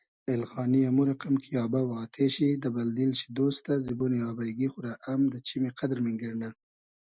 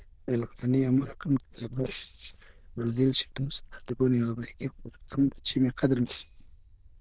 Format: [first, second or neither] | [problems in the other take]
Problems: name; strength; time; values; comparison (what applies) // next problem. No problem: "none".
first | noise reduction (neural diffusion model UNIVERSE++)